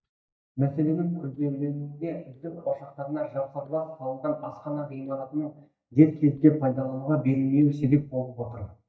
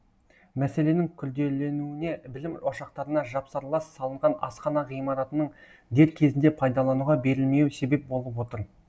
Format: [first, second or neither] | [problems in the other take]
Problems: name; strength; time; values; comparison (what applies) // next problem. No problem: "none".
second | noise reduction (neural mask model DeepFilterNet 3)